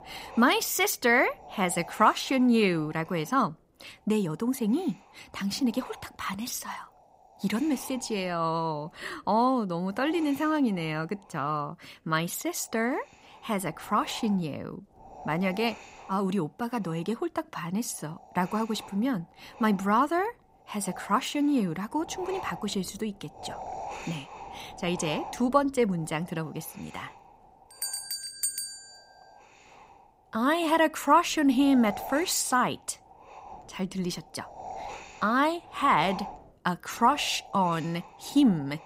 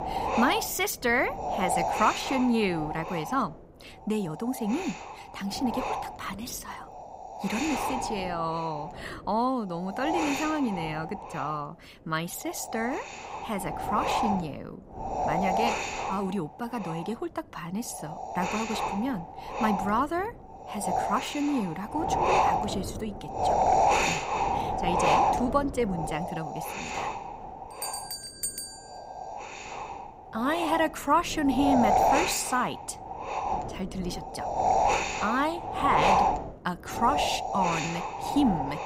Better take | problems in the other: first | wind noise on the microphone; heavy; 2 dB above the speech; occasional gusts in the first

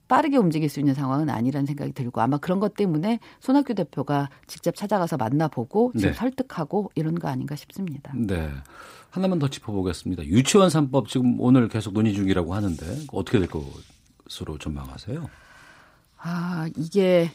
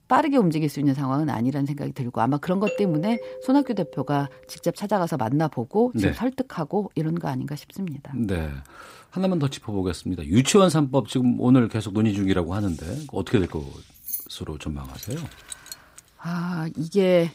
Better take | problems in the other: first | doorbell; noticeable; from 2.5 to 4 s; peak 7 dB below the speech // jangling keys; noticeable; at 14 s; peak 6 dB below the speech // jangling keys; faint; from 15 to 16 s; peak 15 dB below the speech

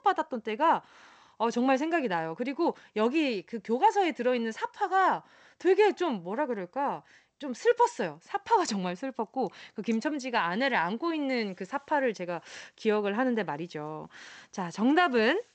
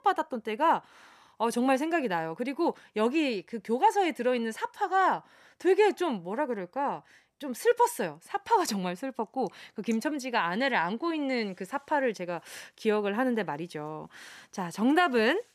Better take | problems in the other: second | garbled, watery; slightly; nothing above 8 kHz

